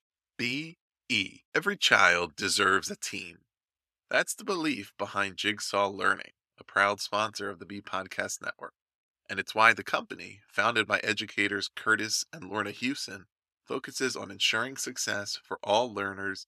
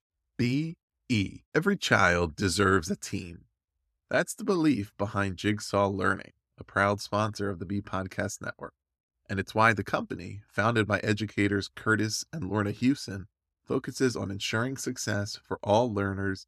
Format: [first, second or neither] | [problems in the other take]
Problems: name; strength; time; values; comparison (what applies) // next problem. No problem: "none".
second | thin; somewhat; fading below 850 Hz